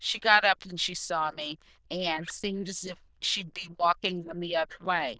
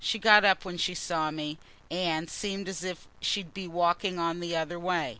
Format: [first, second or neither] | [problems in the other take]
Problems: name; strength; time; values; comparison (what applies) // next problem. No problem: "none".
second | noise reduction (neural diffusion model UNIVERSE++)